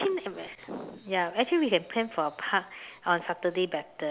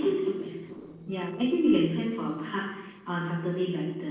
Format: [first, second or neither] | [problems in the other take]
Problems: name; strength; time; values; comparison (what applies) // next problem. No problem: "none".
first | noise reduction (neural separator model SepFormer DNS4)